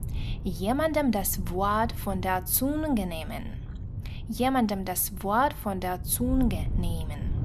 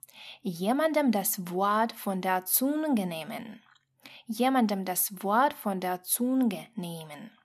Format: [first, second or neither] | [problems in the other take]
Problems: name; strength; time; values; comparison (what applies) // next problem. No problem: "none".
second | wind noise on the microphone; occasional gusts; 20 dB below the speech